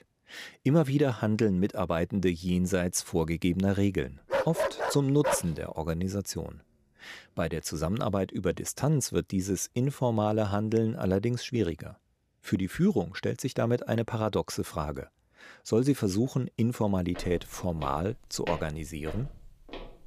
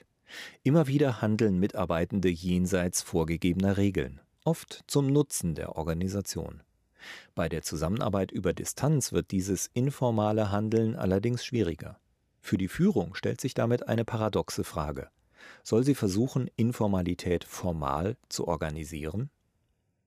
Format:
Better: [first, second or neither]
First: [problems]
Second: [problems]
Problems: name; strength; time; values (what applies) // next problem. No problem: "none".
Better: second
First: dog barking; loud; from 4.5 to 5.5 s; peak level with the speech // footsteps; faint; from 17 s on; peak 10 dB below the speech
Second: none